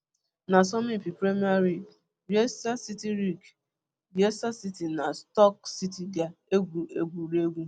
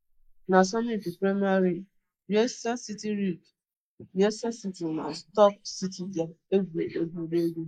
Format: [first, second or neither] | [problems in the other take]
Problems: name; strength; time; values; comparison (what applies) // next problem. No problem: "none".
first | noise reduction (neural mask model Resemble Enhance denoiser)